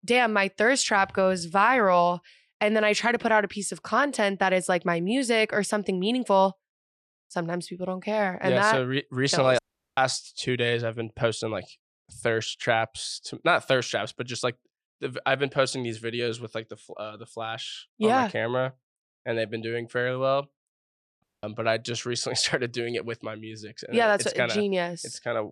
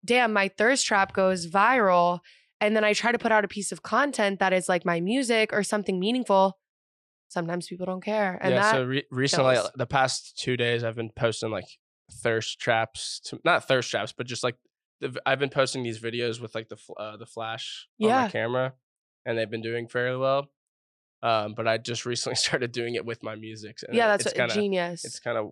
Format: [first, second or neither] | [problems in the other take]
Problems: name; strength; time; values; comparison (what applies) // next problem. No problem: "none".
second | audio cutting out; at 9.5 s and at 21 s